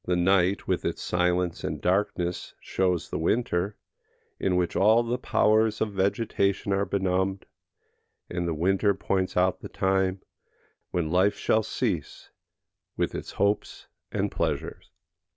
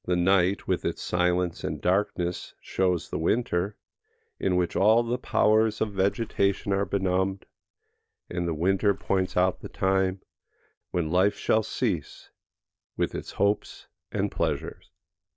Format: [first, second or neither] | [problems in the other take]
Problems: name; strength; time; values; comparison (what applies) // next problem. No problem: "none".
first | noise reduction (neural mask model DeepFilterNet 3)